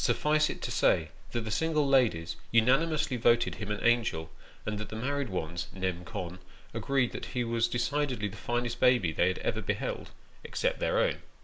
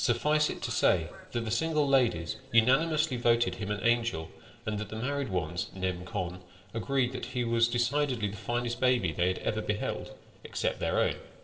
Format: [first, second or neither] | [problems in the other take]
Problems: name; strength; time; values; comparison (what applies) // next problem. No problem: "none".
first | noise reduction (neural separator model SepFormer DNS4)